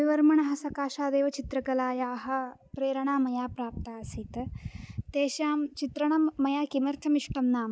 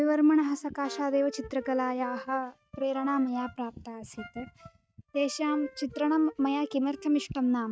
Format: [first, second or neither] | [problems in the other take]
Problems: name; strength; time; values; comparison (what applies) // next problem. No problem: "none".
first | noise reduction (neural mask model RNNoise)